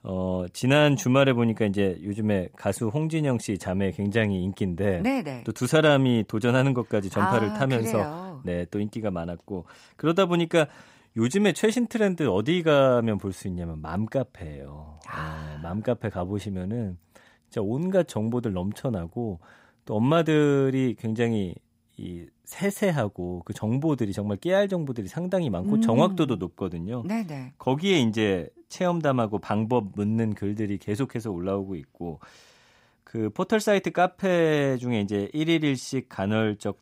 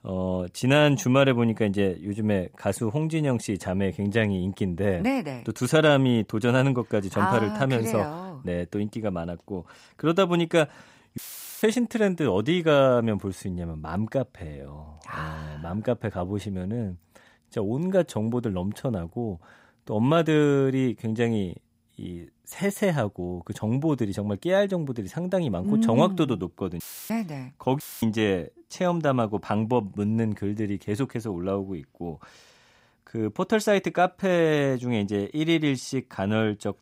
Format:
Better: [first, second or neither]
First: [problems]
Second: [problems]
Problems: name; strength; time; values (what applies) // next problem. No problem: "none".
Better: first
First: none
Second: audio cutting out; filled with static; at 11 s, at 27 s and at 28 s